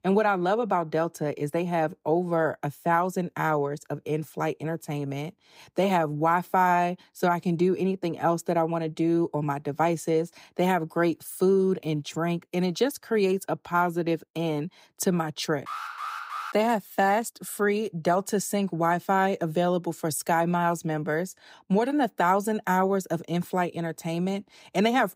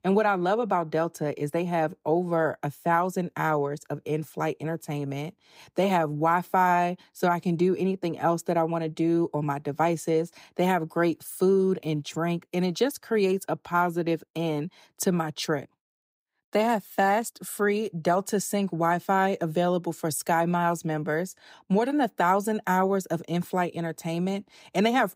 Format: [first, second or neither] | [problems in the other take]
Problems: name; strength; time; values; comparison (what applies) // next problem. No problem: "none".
second | alarm; noticeable; at 16 s; peak 7 dB below the speech